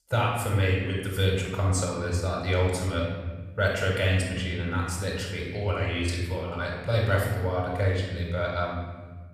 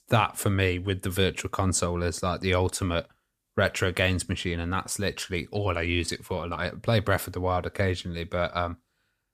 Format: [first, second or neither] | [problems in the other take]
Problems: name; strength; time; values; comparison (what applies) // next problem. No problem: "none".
second | off-mic speech; far // room echo; noticeable; dies away in 1.5 s